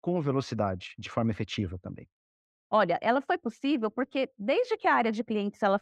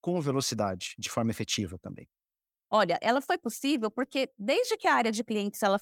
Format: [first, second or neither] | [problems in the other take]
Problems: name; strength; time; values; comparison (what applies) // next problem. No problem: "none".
second | muffled; slightly; fading above 2.5 kHz